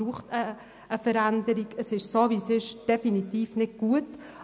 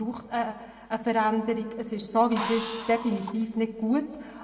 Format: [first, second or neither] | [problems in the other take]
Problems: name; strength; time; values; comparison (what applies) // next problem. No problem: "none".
first | background sound (Drill); 11 dB below the speech // room echo; dies away in 1 s